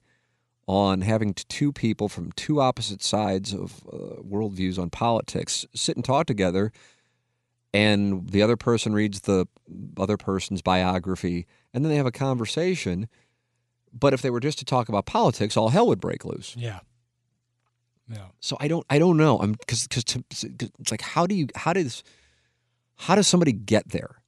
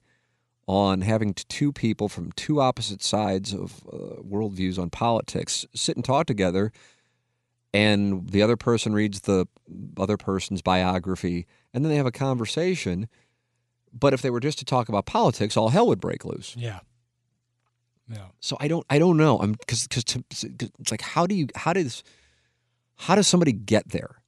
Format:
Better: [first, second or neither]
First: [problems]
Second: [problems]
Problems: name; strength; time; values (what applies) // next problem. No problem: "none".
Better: neither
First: none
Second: none